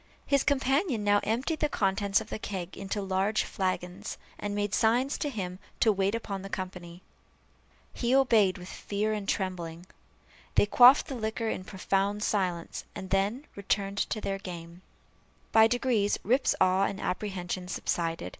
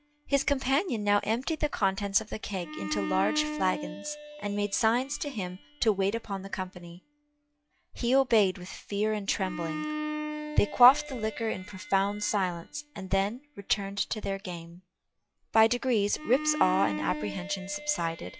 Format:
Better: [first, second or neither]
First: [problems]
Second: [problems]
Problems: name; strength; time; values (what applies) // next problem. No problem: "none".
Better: first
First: none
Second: noise reduction (classical method log-MMSE)